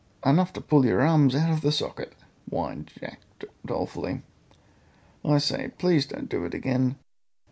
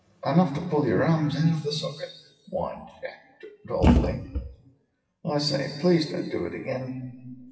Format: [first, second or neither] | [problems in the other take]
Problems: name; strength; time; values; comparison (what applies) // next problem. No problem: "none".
first | noise reduction (classical method WPE with log-MMSE)